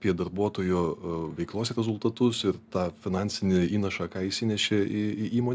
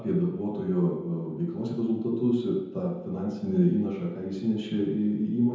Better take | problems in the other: first | room echo; dies away in 0.9 s

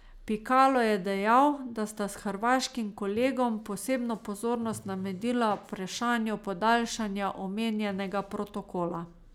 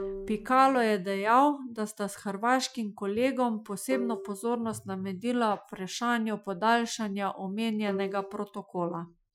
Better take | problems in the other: first | noise reduction (classical method Wiener filter)

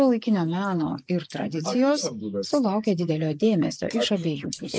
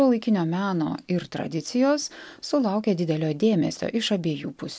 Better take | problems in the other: second | noise reduction (neural mask model Resemble Enhance denoiser)

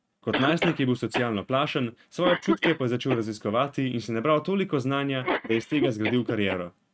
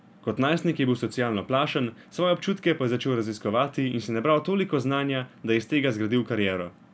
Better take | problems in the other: second | noise reduction (neural mask model RNNoise)

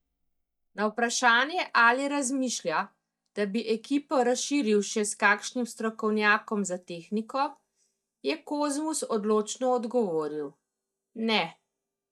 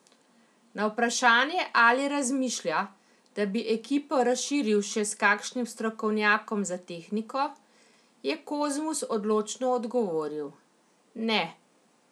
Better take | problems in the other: second | noise reduction (neural mask model DeepFilterNet 3)

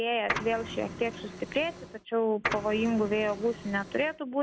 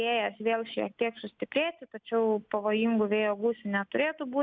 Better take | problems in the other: second | background sound (Printer); 8 dB below the speech

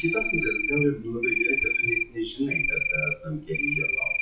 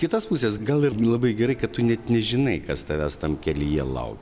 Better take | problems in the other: second | noise reduction (classical method WPE with log-MMSE)

